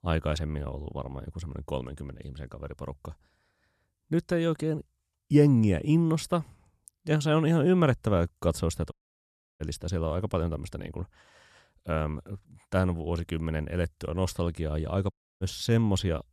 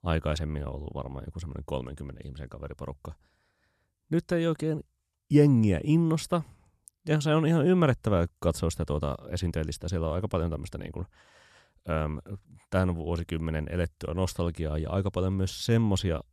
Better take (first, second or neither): second